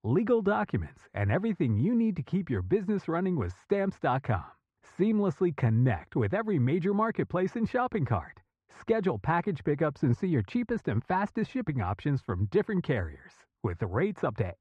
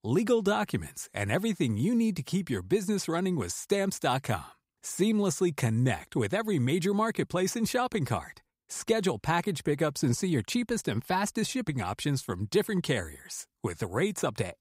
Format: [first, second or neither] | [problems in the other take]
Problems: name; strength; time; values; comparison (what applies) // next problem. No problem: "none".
second | muffled; very; fading above 1.5 kHz